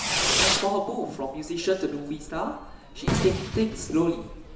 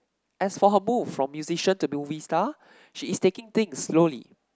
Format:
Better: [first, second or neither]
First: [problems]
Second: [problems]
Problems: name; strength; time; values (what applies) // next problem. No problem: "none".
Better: second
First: background sound (Fireworks); 1 dB below the speech // room echo; dies away in 1 s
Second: none